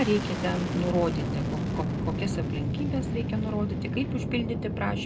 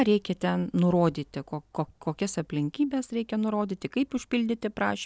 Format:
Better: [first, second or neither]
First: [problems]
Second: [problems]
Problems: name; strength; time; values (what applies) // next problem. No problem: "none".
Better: second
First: background sound (Fixed-wing aircraft, airplane); 1 dB above the speech // room echo; dies away in 0.2 s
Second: none